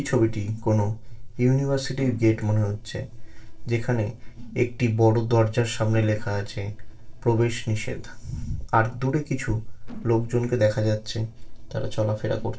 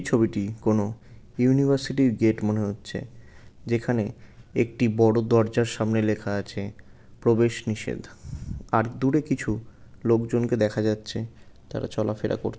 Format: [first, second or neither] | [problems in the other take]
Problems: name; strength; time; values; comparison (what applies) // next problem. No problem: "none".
second | noise reduction (neural separator model SepFormer DNS4)